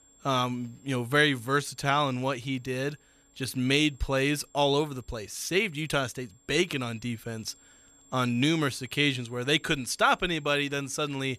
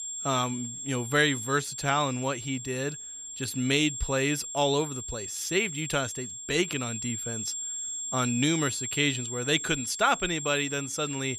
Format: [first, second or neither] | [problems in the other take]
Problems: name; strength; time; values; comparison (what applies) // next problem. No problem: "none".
first | high-pitched whine; loud; throughout; 7.5 kHz, 6 dB below the speech; faint in the first